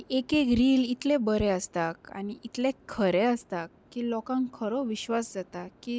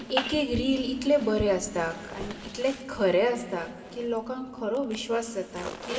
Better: first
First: none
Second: background sound (Zipper (clothing)); 13 dB below the speech // room echo; dies away in 2.3 s

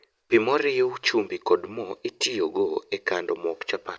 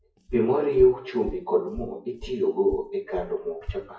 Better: first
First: none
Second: noise reduction (classical method WPE with log-MMSE)

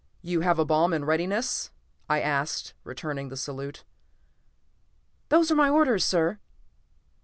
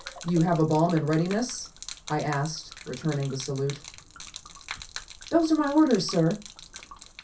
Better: first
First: none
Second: background sound (Gurgling / Liquid); 16 dB below the speech // room echo; dies away in 0.3 s

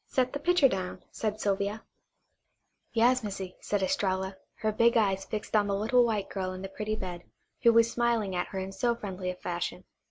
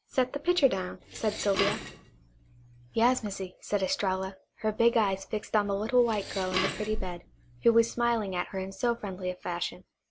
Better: first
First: none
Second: background sound (Dishes, pots, and pans); 9 dB below the speech

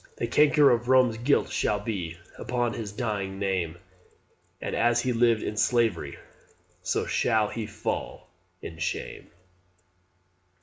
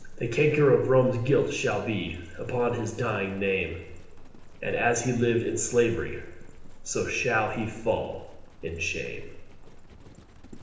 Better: first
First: none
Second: background sound (Livestock, farm animals, working animals); 14 dB below the speech // room echo; dies away in 0.8 s

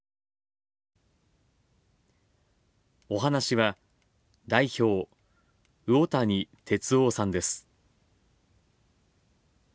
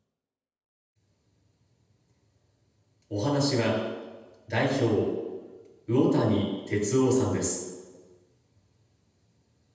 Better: first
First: none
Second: room echo; dies away in 1.1 s

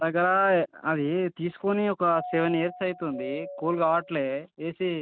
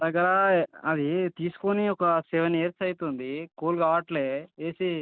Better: second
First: noise reduction (neural mask model RNNoise)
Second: none

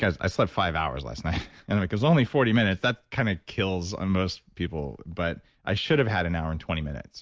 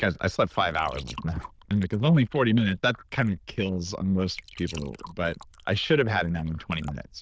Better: first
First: none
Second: noise reduction (neural diffusion model UNIVERSE++)

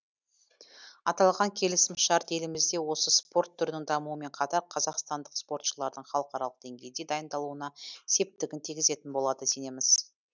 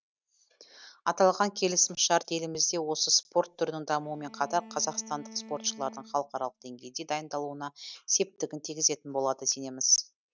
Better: first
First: none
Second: noise reduction (neural mask model RNNoise)

